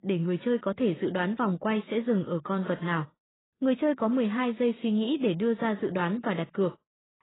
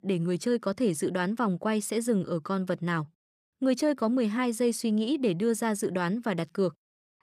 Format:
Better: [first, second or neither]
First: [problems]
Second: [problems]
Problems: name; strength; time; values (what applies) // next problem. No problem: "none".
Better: second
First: garbled, watery; badly; nothing above 3.5 kHz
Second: none